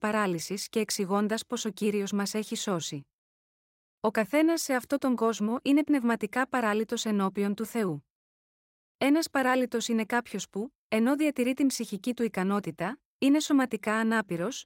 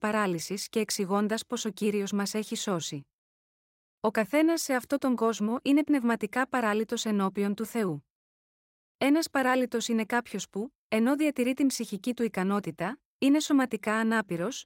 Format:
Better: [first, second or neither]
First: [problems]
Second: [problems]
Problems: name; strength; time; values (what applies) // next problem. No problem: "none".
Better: neither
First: none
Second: none